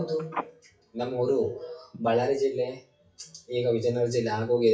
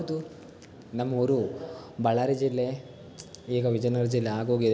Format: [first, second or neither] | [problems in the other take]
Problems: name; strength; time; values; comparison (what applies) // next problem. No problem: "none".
second | noise reduction (classical method WPE with log-MMSE)